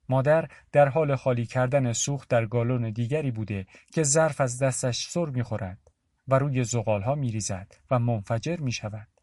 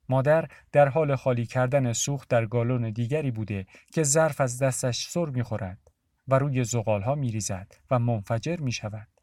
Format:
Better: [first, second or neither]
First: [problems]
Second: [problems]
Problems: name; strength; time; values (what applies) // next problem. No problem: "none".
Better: second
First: garbled, watery; slightly; nothing above 11 kHz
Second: none